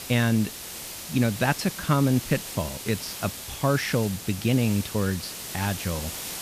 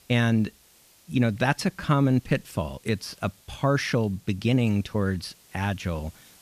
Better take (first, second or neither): second